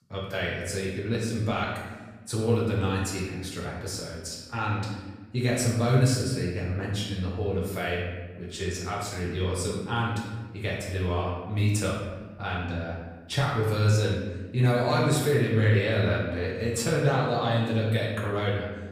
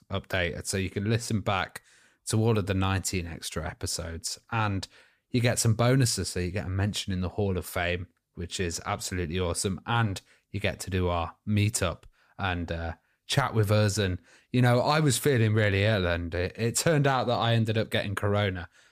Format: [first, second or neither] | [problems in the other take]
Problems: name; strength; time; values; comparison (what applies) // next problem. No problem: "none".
second | room echo; noticeable; dies away in 1.1 s // off-mic speech; far